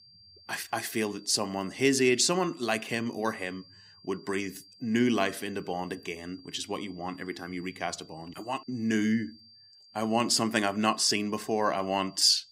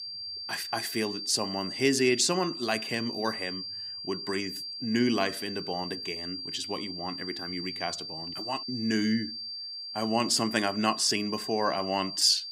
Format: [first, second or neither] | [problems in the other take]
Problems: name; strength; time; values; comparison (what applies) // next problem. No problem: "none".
first | high-pitched whine; loud; throughout; 4.5 kHz, 6 dB below the speech; faint in the first